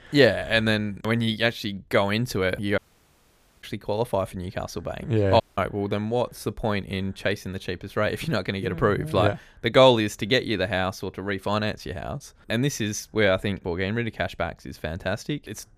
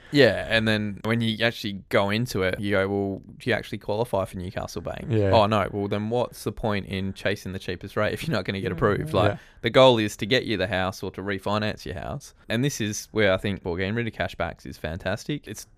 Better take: second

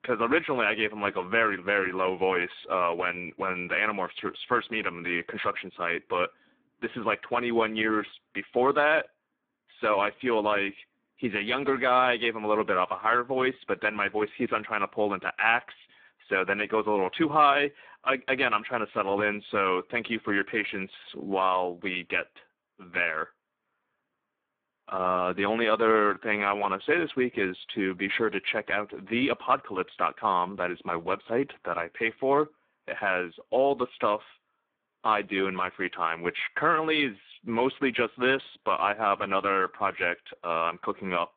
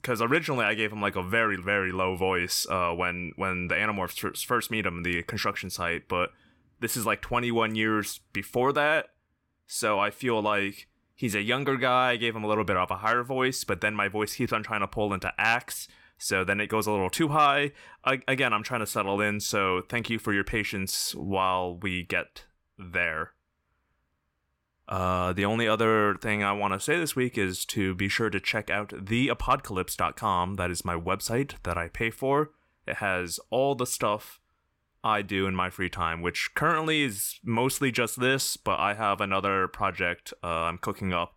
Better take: second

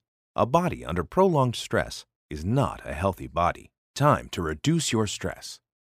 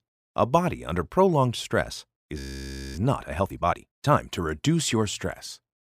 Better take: first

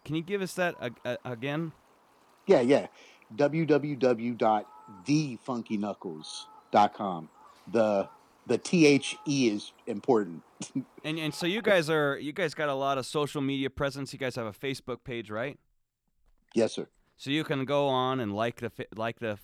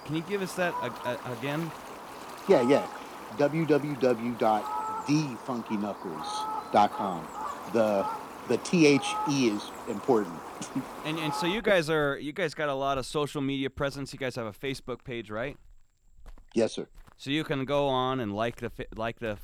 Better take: first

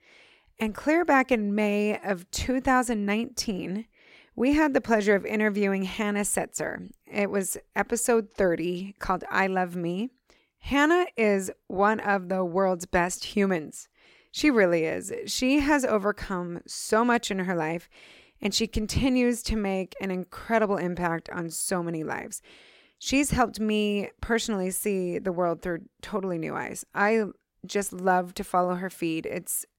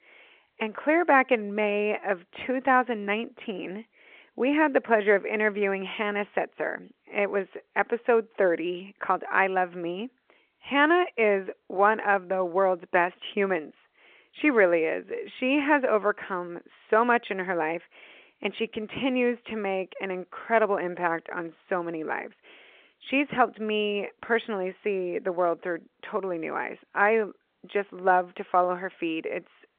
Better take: first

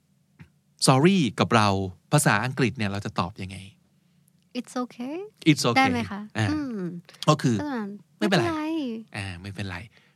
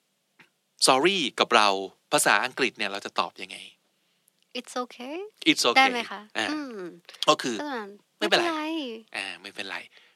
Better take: first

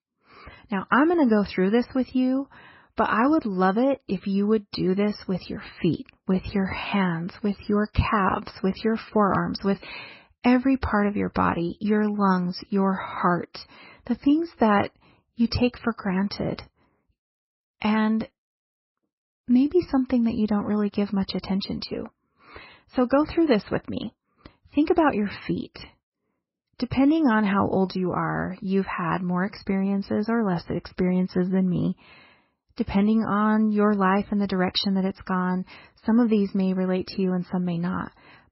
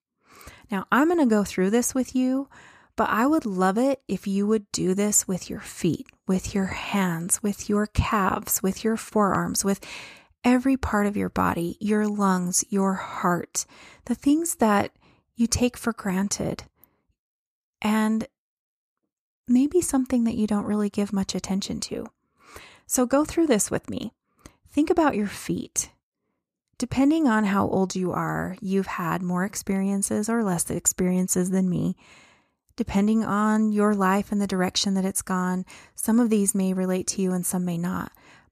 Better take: second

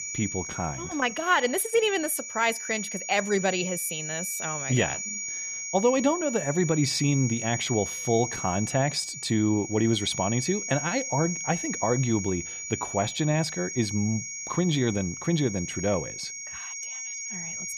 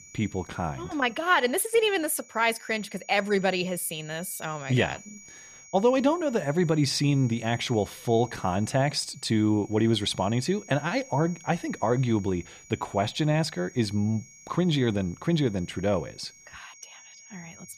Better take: second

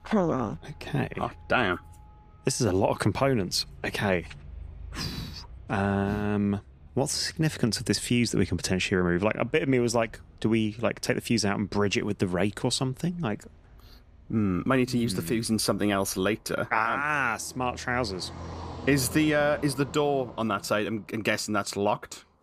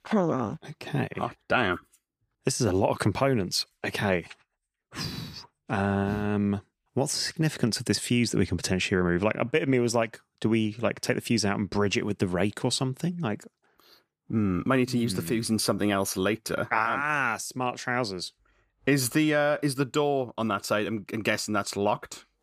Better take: second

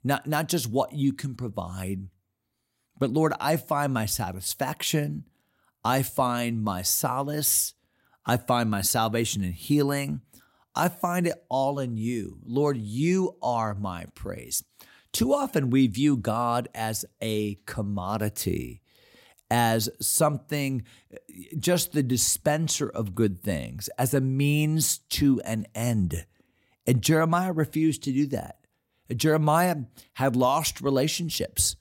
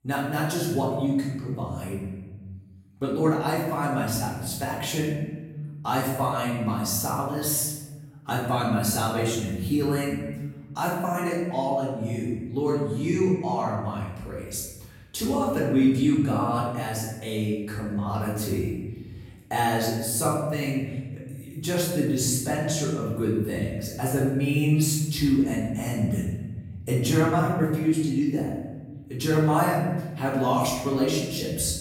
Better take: first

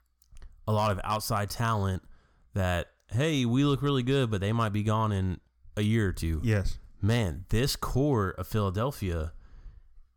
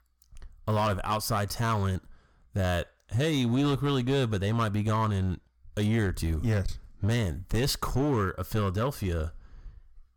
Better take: first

